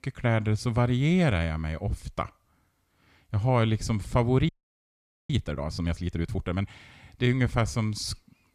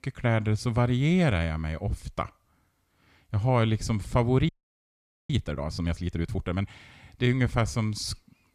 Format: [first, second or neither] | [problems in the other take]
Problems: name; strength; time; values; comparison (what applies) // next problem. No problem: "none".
neither | audio freezing; at 4.5 s for 1 s; the same in both